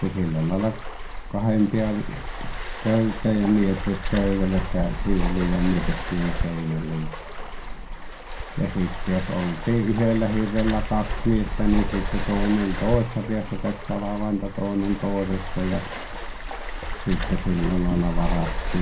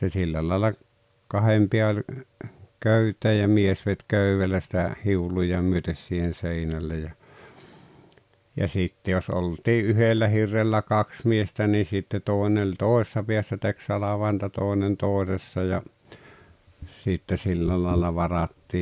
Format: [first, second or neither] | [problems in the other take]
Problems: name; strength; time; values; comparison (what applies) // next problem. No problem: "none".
second | background sound (Waves, surf); 3 dB below the speech // room echo; dies away in 0.2 s